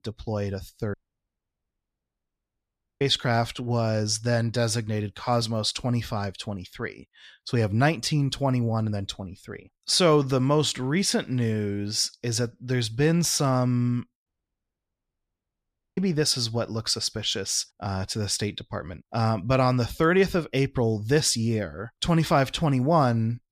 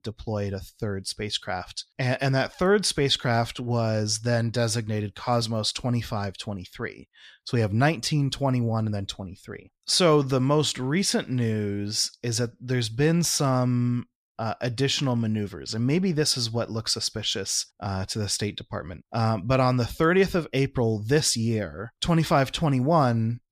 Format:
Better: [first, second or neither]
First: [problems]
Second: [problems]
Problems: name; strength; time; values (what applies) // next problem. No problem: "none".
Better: second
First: audio cutting out; at 1 s for 2 s and at 14 s for 1.5 s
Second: none